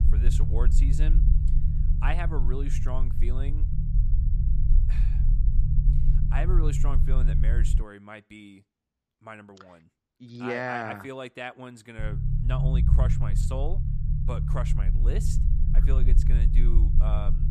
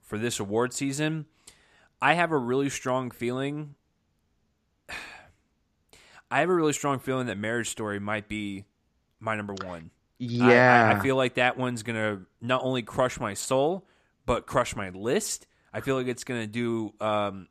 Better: second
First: low rumble; loud; until 8 s and from 12 s on; 5 dB below the speech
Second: none

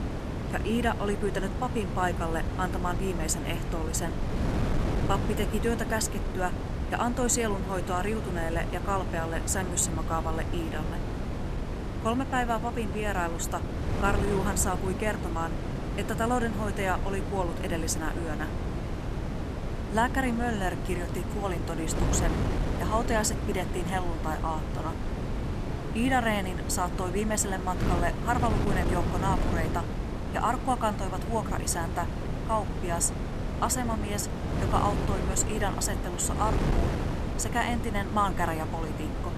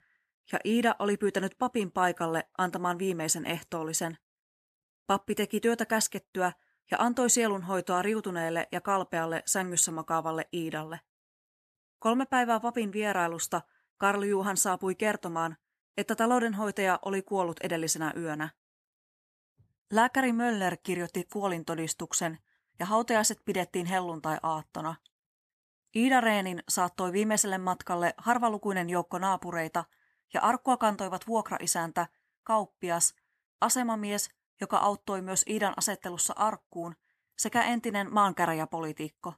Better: second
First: wind noise on the microphone; heavy; 7 dB below the speech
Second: none

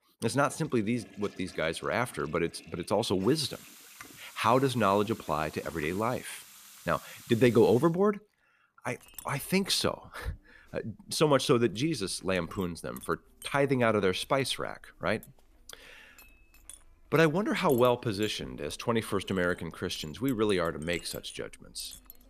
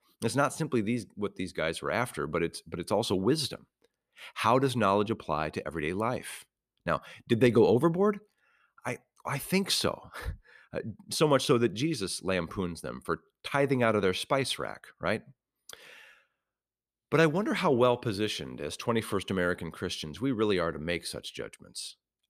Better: second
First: household noises; faint; throughout; 20 dB below the speech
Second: none

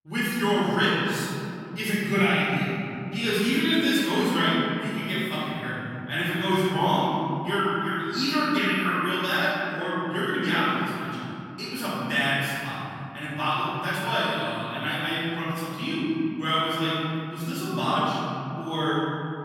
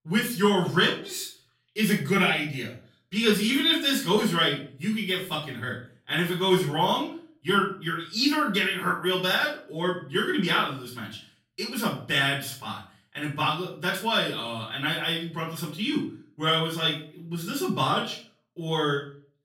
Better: second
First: room echo; strong; dies away in 3 s // off-mic speech; far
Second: room echo; slight; dies away in 0.4 s // off-mic speech; far

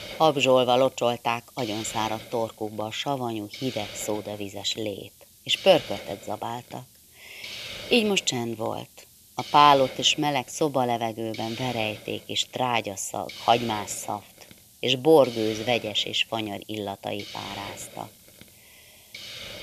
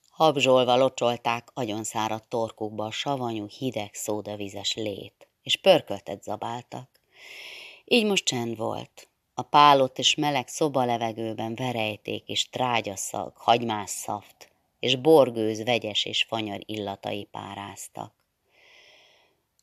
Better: second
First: hiss; noticeable; throughout; 15 dB below the speech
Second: none

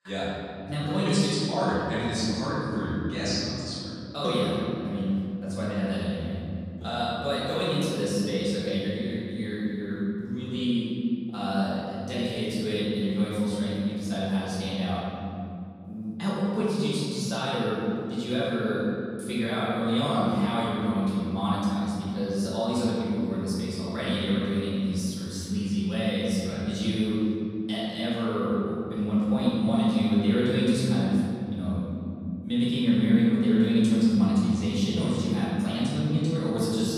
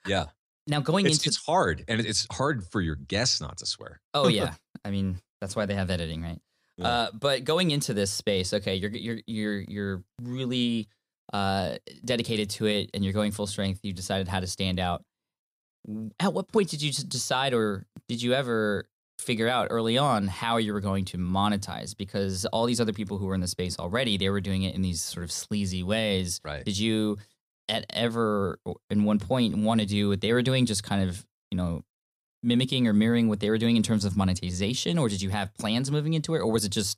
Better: second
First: room echo; strong; dies away in 3 s // off-mic speech; far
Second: none

